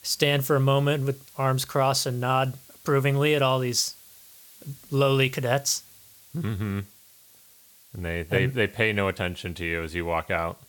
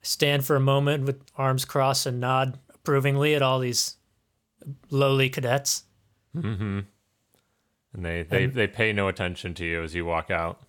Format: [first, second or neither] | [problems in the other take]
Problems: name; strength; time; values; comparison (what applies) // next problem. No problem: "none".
second | hiss; faint; throughout; 25 dB below the speech